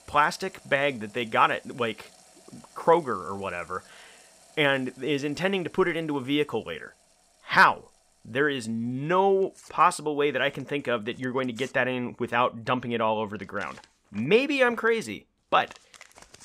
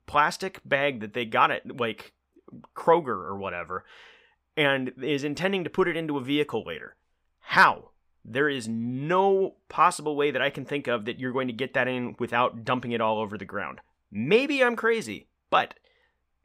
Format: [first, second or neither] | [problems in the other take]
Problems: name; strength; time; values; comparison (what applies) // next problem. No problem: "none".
second | household noises; faint; throughout; 30 dB below the speech